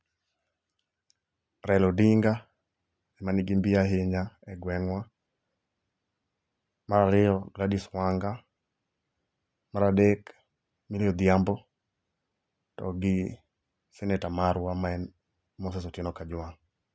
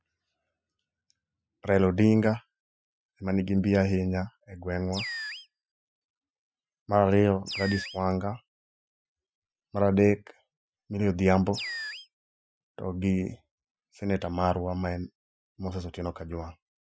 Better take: first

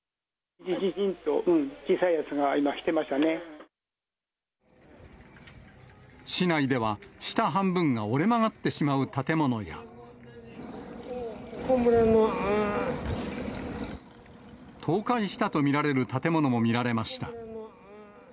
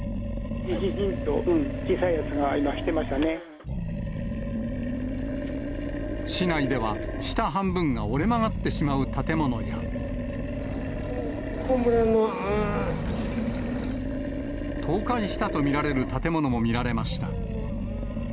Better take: first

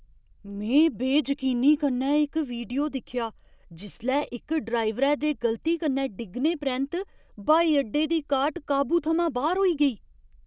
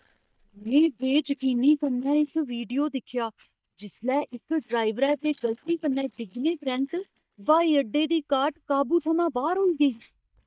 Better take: first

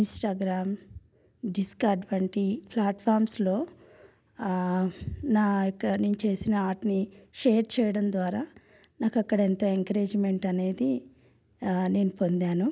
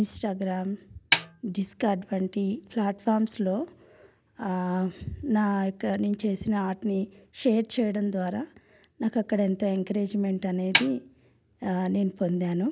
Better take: first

